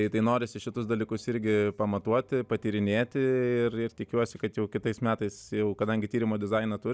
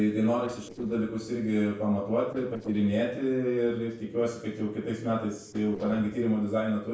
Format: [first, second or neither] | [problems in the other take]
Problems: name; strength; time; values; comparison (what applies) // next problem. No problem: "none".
first | noise reduction (neural separator model SepFormer DNS4)